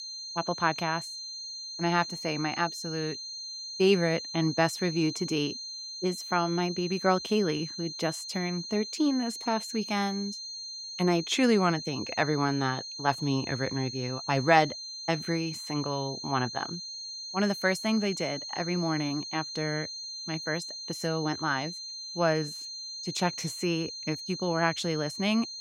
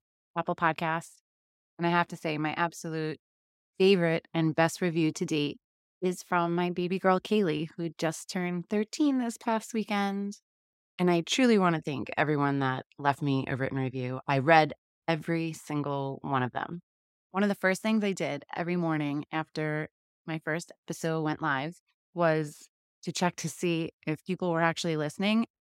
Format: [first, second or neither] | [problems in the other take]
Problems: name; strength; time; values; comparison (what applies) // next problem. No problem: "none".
second | high-pitched whine; loud; throughout; 4 kHz, 7 dB below the speech